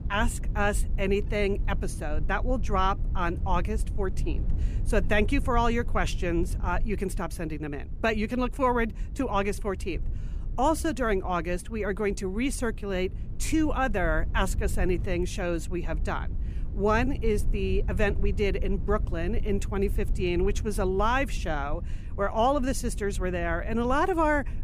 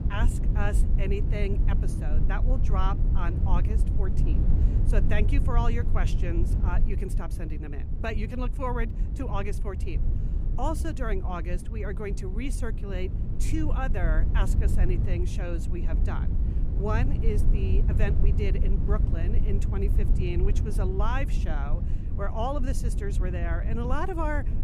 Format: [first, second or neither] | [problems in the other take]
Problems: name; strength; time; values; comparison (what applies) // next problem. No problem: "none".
first | low rumble; loud; throughout; 7 dB below the speech; faint in the first